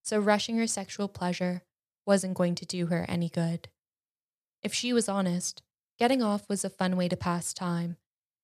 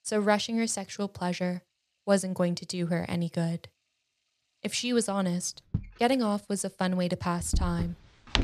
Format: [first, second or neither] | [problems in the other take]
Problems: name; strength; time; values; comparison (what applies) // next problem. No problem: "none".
first | household noises; loud; throughout; 6 dB below the speech